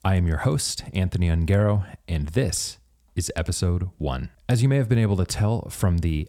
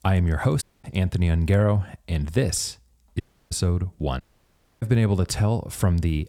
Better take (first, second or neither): first